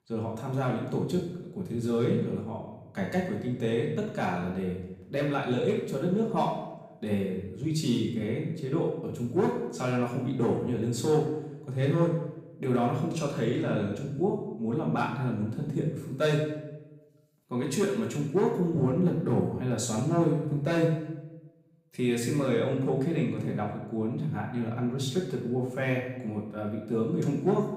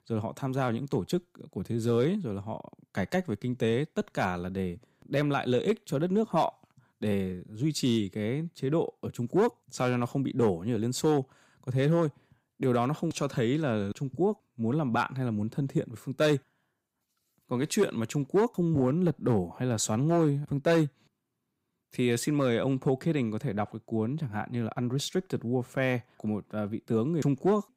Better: second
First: room echo; noticeable; dies away in 0.8 s // off-mic speech; far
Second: none

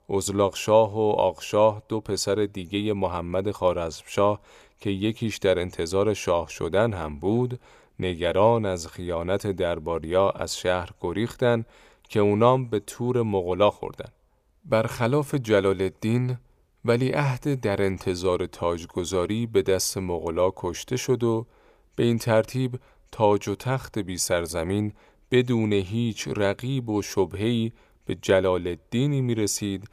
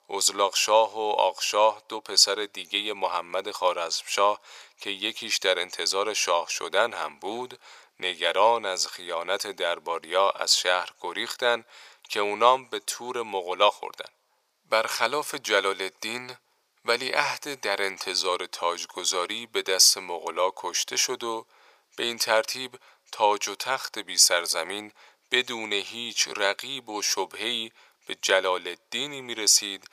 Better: first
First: none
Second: thin; very; fading below 850 Hz

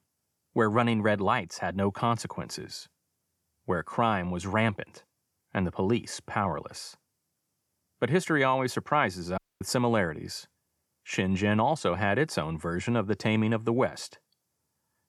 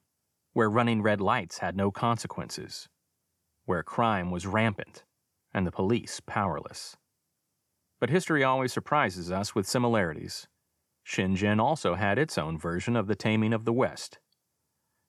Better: second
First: audio cutting out; at 9.5 s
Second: none

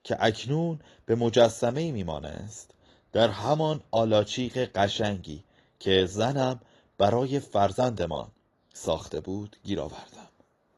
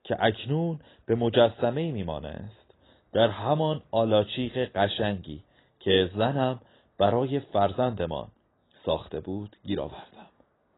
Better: first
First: garbled, watery; slightly; nothing above 11 kHz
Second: garbled, watery; badly; nothing above 4 kHz

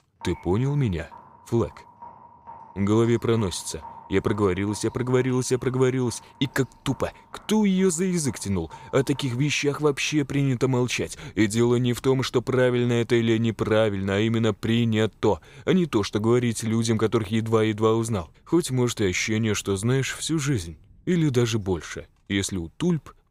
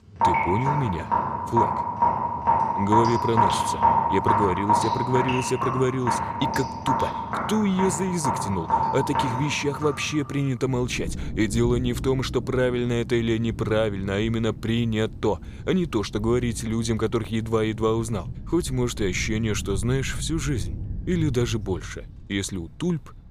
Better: first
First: rain or running water; faint; throughout; 25 dB below the speech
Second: rain or running water; loud; throughout; 1 dB below the speech

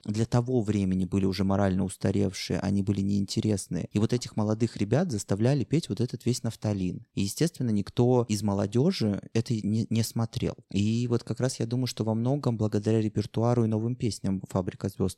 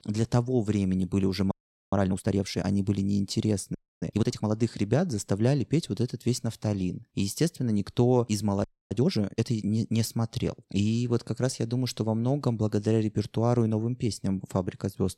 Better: first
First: none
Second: audio freezing; at 1.5 s, at 3.5 s and at 8.5 s

